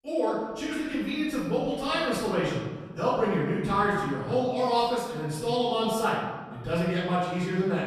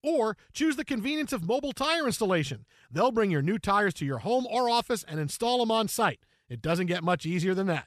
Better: second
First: off-mic speech; far // room echo; strong; dies away in 1.2 s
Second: none

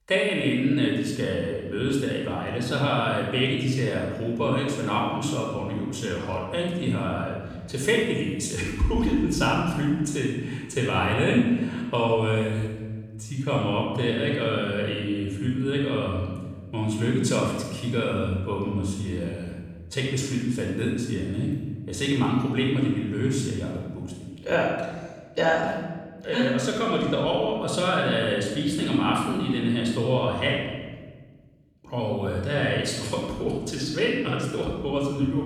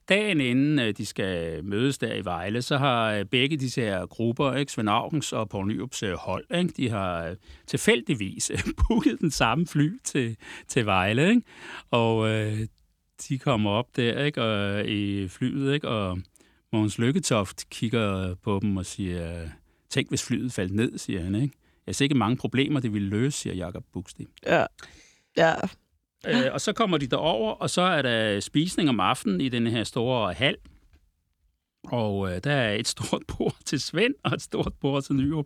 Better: second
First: off-mic speech; somewhat distant // room echo; noticeable; dies away in 1.2 s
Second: none

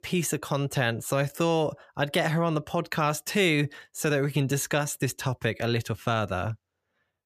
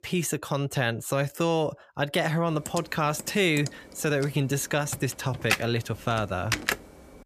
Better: first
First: none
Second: keyboard typing; noticeable; from 2.5 to 6.5 s; peak level with the speech

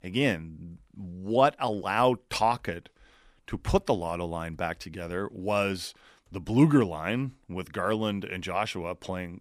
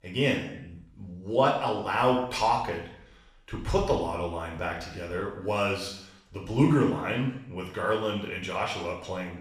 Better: first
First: none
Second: room echo; noticeable; dies away in 0.7 s // off-mic speech; far

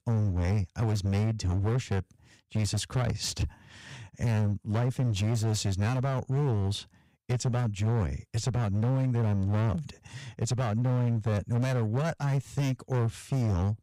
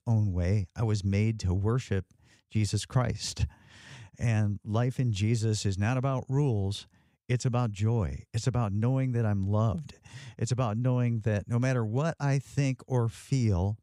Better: second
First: distortion; slight; 24% of the sound clipped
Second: none

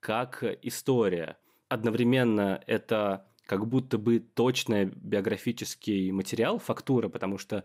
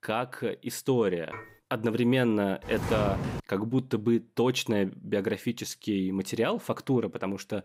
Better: first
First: none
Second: clattering dishes; faint; at 1.5 s; peak 15 dB below the speech // footsteps; noticeable; at 2.5 s; peak 2 dB below the speech

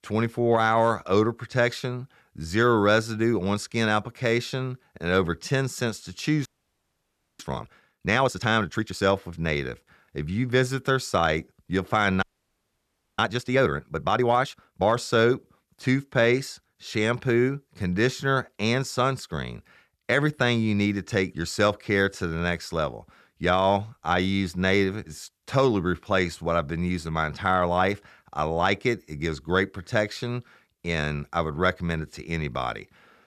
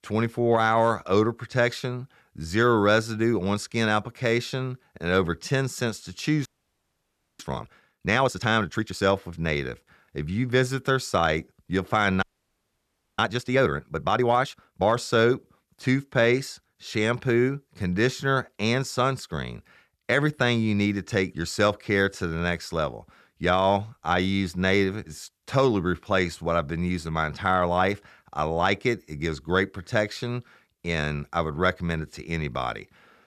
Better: neither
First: audio freezing; at 6.5 s for 1 s and at 12 s for 1 s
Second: audio freezing; at 6.5 s for 1 s and at 12 s for 1 s

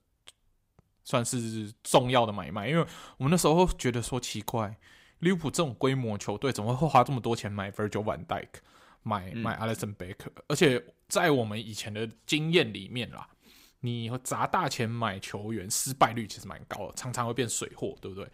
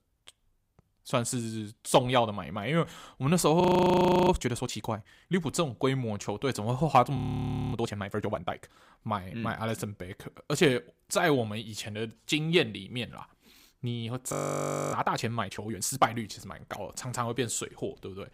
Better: first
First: none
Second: audio freezing; at 3.5 s for 0.5 s, at 7 s for 0.5 s and at 14 s for 0.5 s

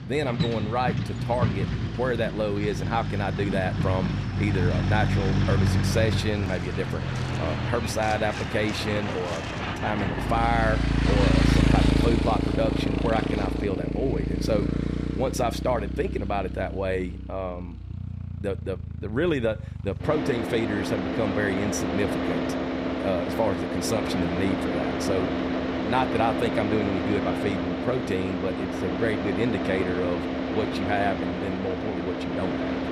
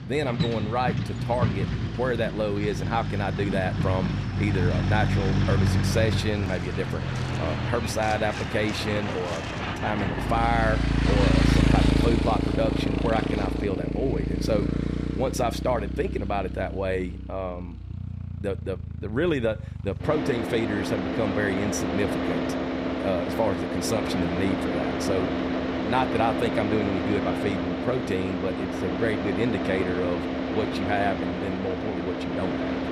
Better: neither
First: traffic noise; very loud; throughout; 1 dB above the speech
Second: traffic noise; very loud; throughout; 1 dB above the speech

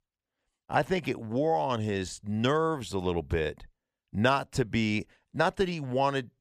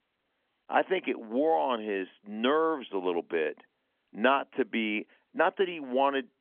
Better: first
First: none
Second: phone-call audio; nothing above 3.5 kHz

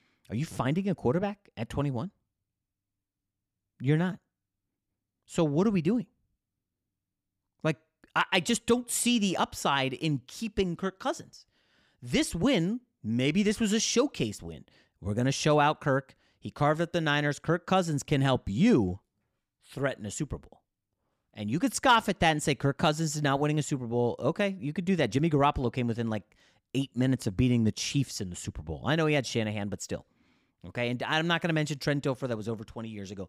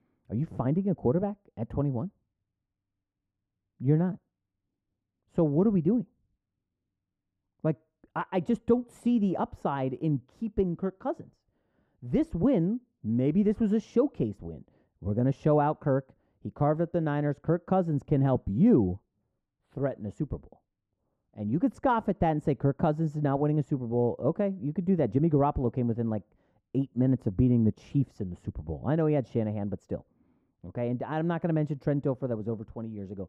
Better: first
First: none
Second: muffled; very; fading above 1.5 kHz

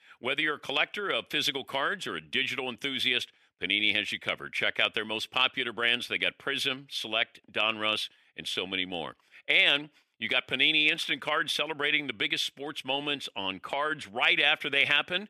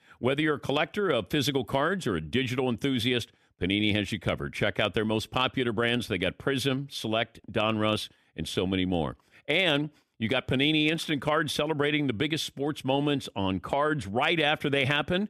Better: second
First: thin; somewhat; fading below 1 kHz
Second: none

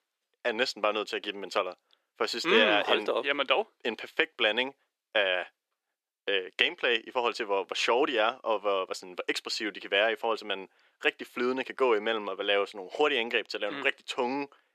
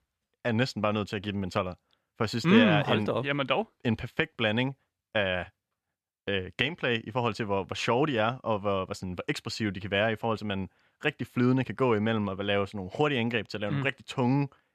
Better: second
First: thin; somewhat; fading below 350 Hz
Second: none

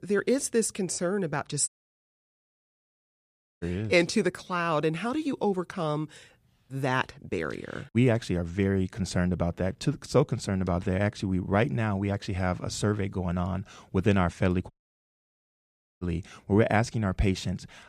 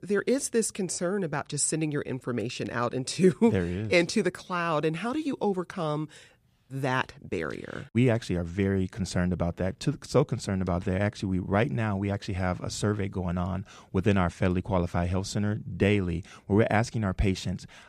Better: second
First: audio cutting out; at 1.5 s for 2 s and at 15 s for 1.5 s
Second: none

